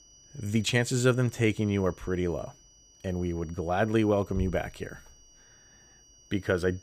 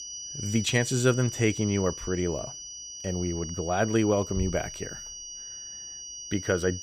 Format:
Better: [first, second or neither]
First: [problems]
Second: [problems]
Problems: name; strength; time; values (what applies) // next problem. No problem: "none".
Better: first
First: high-pitched whine; faint; throughout; 6 kHz, 25 dB below the speech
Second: high-pitched whine; loud; throughout; 6 kHz, 9 dB below the speech